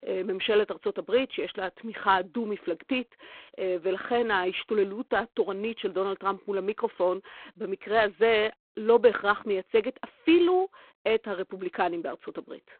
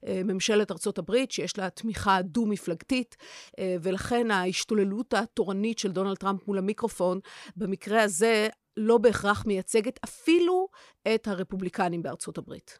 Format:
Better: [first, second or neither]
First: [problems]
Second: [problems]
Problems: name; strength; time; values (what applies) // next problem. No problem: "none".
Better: second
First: phone-call audio; poor line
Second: none